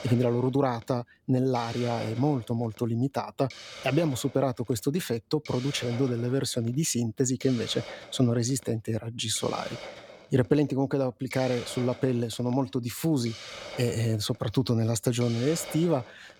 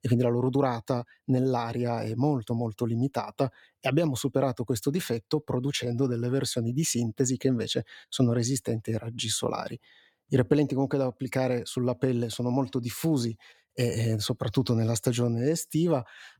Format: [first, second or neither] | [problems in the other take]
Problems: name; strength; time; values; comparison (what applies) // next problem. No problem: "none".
second | hiss; noticeable; throughout; 15 dB below the speech